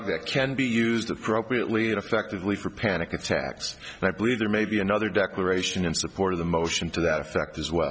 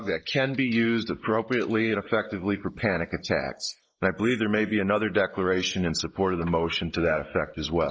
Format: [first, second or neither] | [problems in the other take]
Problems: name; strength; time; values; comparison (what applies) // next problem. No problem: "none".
first | noise reduction (neural mask model Resemble Enhance denoiser)